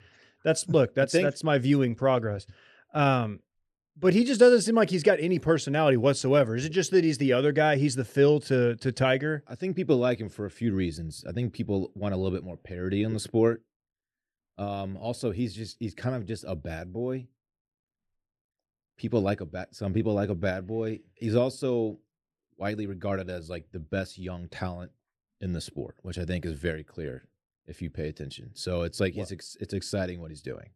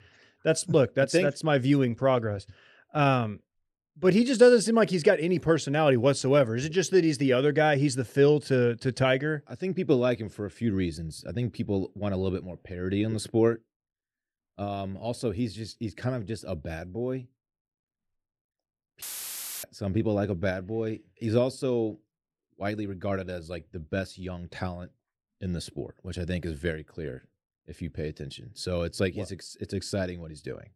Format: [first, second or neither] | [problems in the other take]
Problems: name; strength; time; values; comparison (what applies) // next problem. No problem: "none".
first | audio cutting out; filled with static; at 19 s for 0.5 s